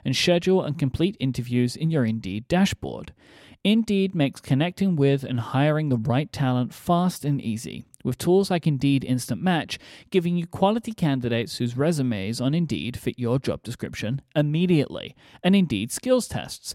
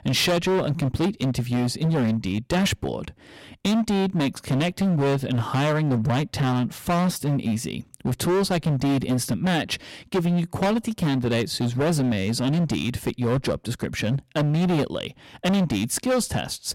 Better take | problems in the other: first | distortion; heavy; 20% of the sound clipped

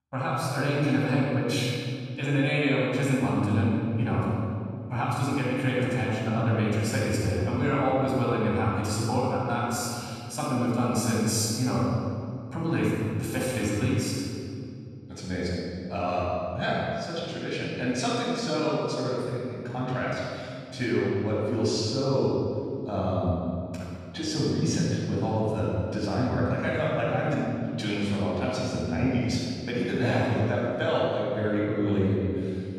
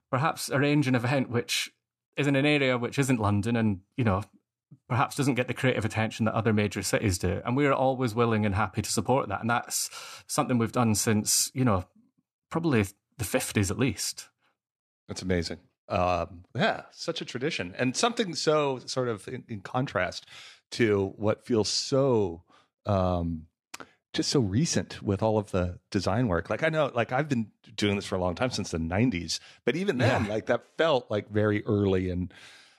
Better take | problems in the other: second | off-mic speech; far // room echo; strong; dies away in 2.6 s

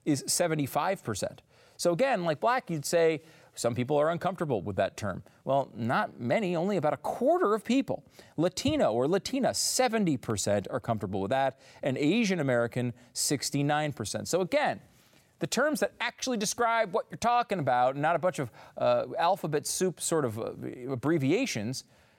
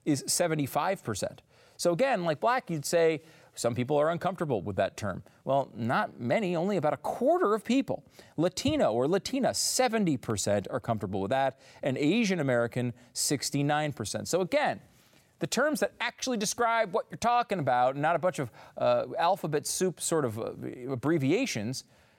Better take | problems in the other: neither | none

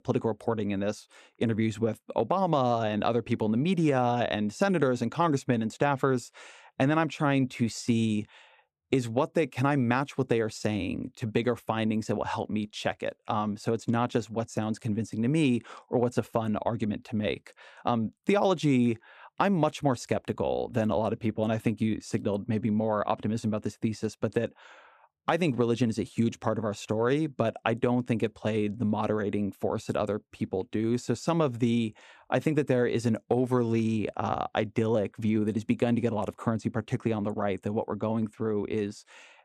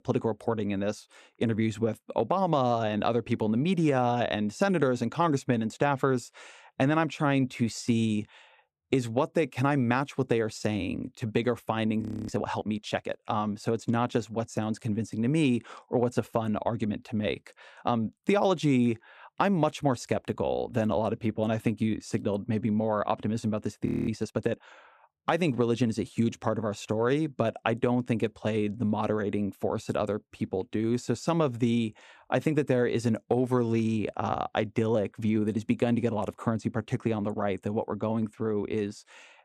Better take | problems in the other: first | audio freezing; at 12 s and at 24 s

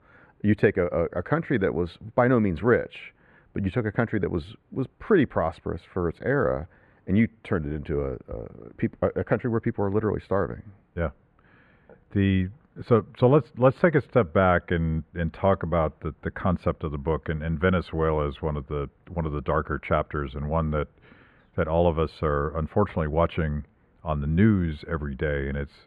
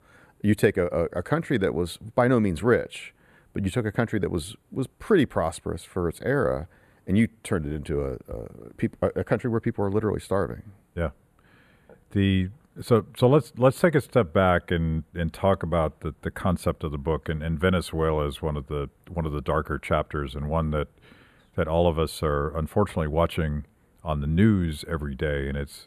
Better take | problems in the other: second | muffled; slightly; fading above 2 kHz

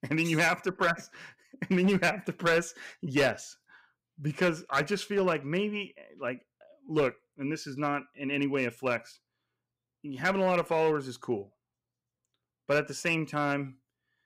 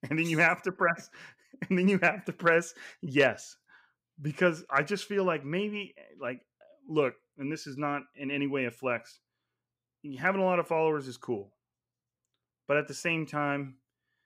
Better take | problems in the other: second | distortion; slight; 3% of the sound clipped

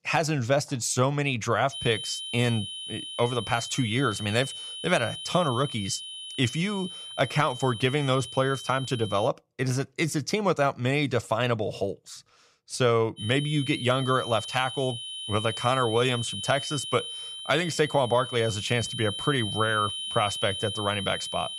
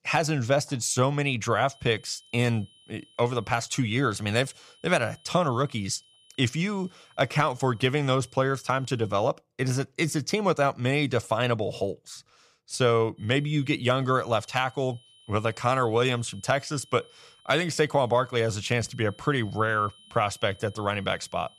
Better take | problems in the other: second | high-pitched whine; loud; from 1.5 to 9.5 s and from 13 s on; 3 kHz, 7 dB below the speech; faint in the second

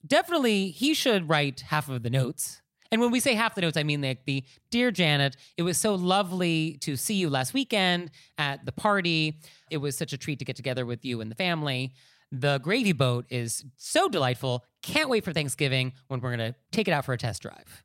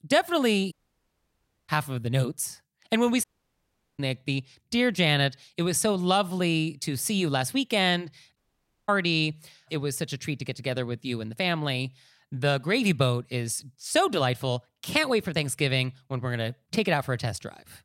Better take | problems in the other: first | audio cutting out; at 0.5 s for 1 s, at 3 s for 0.5 s and at 8.5 s for 0.5 s

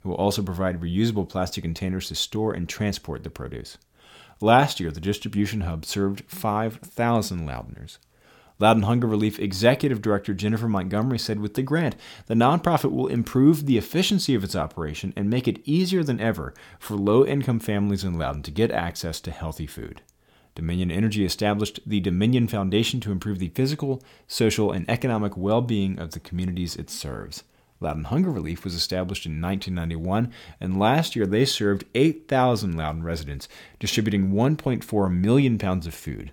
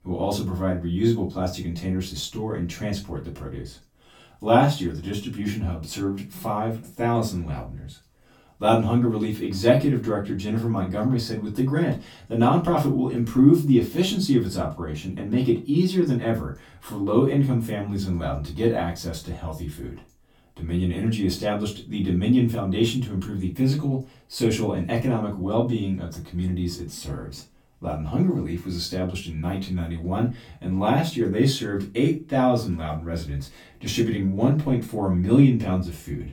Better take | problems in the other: first | off-mic speech; far // room echo; slight; dies away in 0.2 s

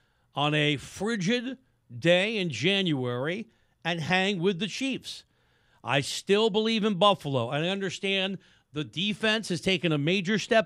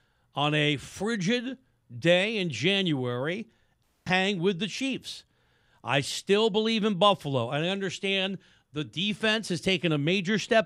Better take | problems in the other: first | audio cutting out; at 4 s

